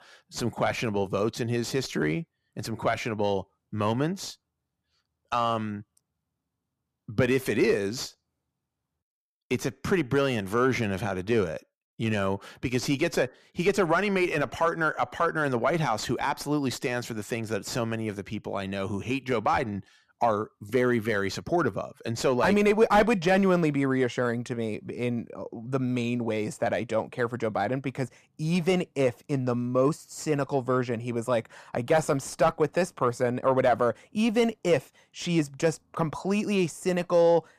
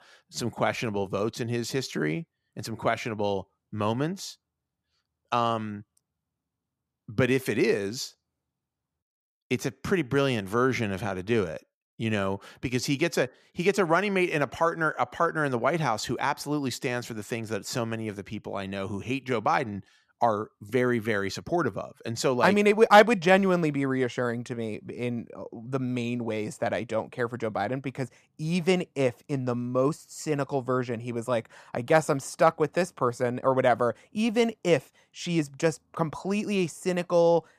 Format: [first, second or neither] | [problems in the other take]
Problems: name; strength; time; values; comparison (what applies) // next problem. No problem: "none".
second | distortion; slight; 10 dB below the speech